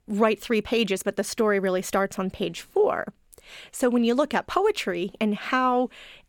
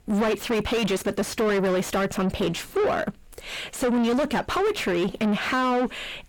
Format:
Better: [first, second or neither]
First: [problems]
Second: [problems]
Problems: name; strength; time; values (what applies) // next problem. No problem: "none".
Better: first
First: none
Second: distortion; heavy; 6 dB below the speech